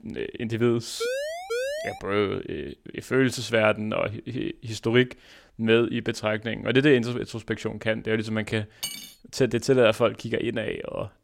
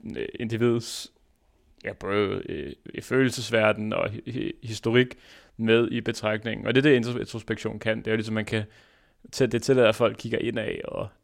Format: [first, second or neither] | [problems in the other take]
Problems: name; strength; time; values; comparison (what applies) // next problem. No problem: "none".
second | siren; noticeable; at 1 s; peak 4 dB below the speech // clattering dishes; noticeable; at 9 s; peak 8 dB below the speech